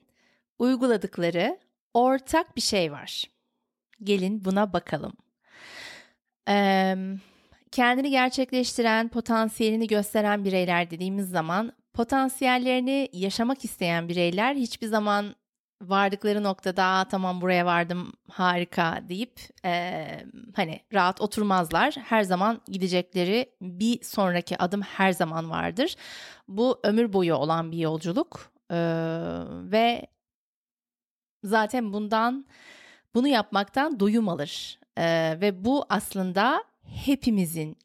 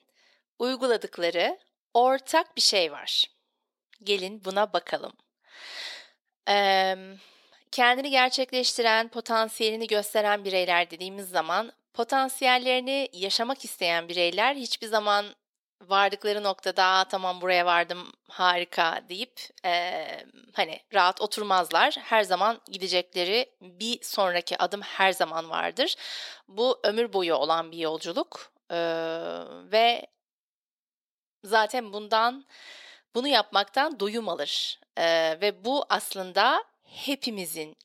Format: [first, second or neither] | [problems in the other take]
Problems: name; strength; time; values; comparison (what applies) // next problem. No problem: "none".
first | thin; somewhat; fading below 500 Hz